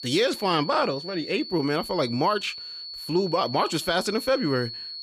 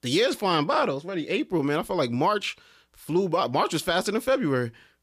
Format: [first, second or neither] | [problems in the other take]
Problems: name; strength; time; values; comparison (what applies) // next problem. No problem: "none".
second | high-pitched whine; loud; throughout; 4.5 kHz, 10 dB below the speech